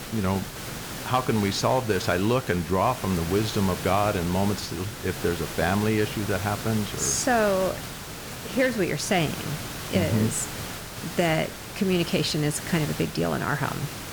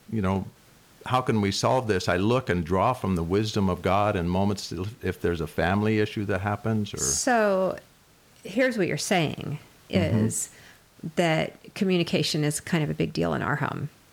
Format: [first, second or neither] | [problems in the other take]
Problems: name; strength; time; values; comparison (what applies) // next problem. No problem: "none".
second | hiss; loud; throughout; 9 dB below the speech; faint in the second